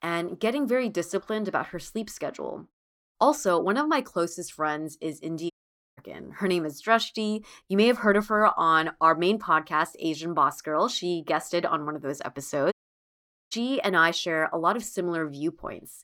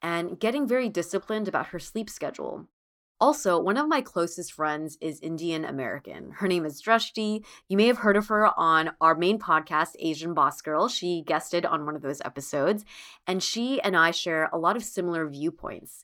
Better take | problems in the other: second | audio cutting out; at 5.5 s and at 13 s for 1 s

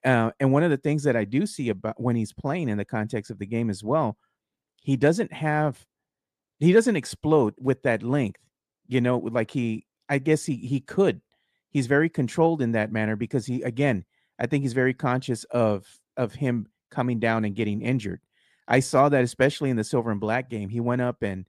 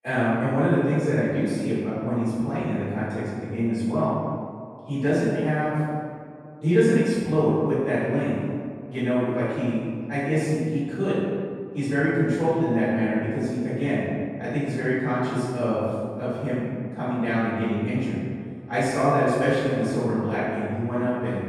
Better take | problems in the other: first | room echo; strong; dies away in 1.8 s // off-mic speech; far

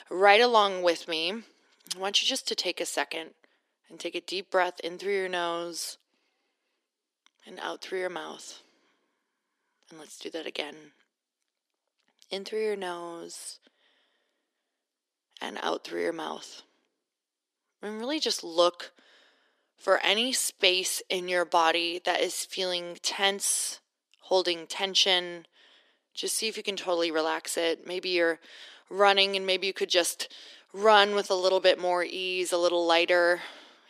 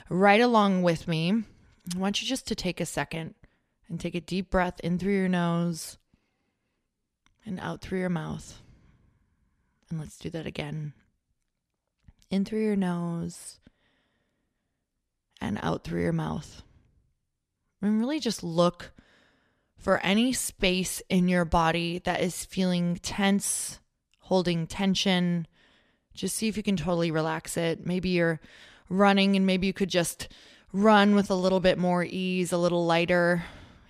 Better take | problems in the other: second | thin; very; fading below 300 Hz

